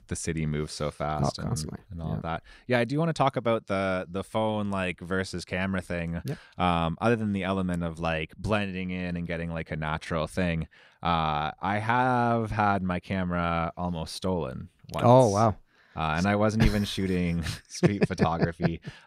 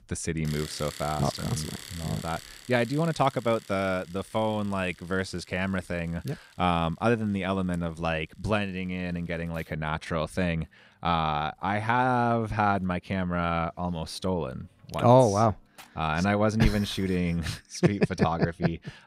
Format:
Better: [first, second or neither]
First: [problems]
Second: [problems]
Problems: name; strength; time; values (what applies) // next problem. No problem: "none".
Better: first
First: none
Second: household noises; noticeable; throughout; 15 dB below the speech